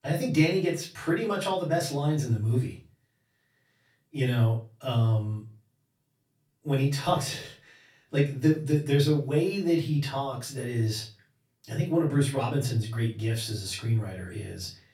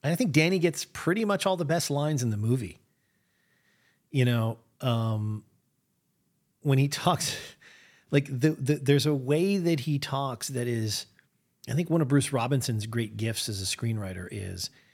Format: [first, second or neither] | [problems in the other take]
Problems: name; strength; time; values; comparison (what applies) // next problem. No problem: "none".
second | off-mic speech; far // room echo; slight; dies away in 0.3 s